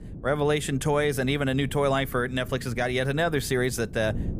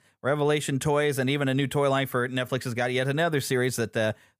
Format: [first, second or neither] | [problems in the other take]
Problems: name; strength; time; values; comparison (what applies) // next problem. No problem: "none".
second | wind noise on the microphone; occasional gusts; 20 dB below the speech